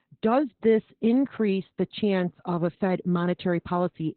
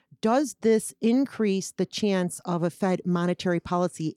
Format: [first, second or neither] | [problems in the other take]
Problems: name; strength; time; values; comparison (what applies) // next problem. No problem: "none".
second | garbled, watery; badly; nothing above 4 kHz